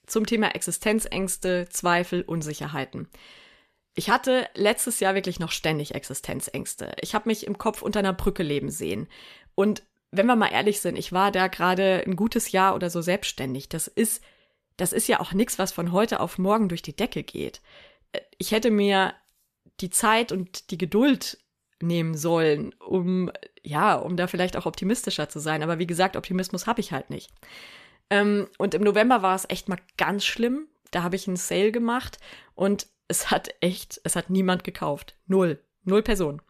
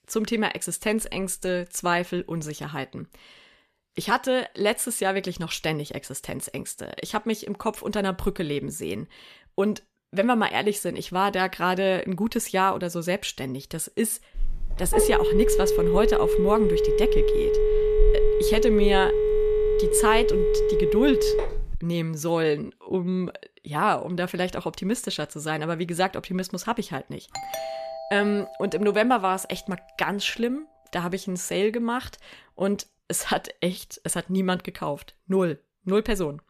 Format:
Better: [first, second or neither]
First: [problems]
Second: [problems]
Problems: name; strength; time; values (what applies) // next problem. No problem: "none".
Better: first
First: none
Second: phone ringing; loud; from 14 to 22 s; peak 5 dB above the speech // doorbell; noticeable; from 27 to 29 s; peak 6 dB below the speech